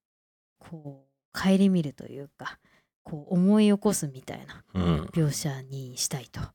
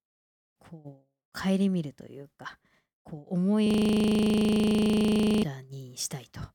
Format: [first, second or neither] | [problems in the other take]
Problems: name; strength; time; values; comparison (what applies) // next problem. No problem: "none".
first | audio freezing; at 3.5 s for 2 s